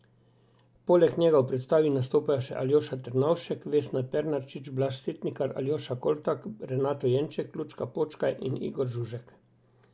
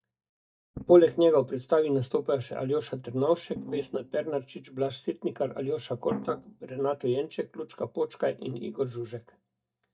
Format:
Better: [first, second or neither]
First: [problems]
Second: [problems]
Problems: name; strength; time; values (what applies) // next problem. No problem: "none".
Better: first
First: none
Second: noise reduction (neural mask model DeepFilterNet 3)